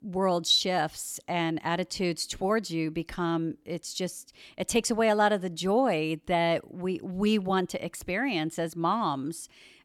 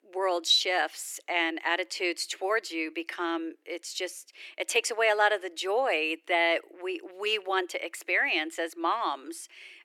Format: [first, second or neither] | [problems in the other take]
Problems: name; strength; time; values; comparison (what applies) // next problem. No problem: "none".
first | thin; very; fading below 350 Hz